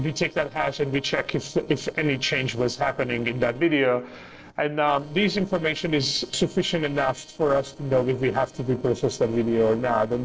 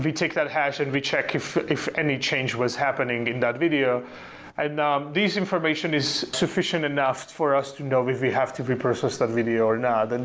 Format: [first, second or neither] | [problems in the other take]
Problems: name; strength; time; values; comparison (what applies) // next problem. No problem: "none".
second | noise reduction (neural separator model SepFormer DNS4)